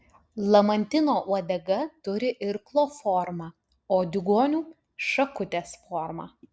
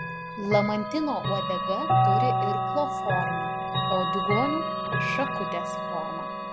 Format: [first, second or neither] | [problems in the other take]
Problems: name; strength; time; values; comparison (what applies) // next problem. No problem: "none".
first | background sound (Chime / Clock); 4 dB above the speech